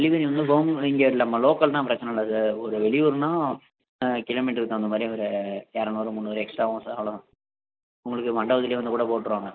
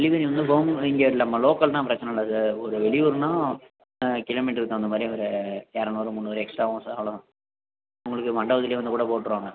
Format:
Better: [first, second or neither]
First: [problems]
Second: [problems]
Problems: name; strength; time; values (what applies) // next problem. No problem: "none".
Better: second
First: noise reduction (neural mask model Resemble Enhance denoiser)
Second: none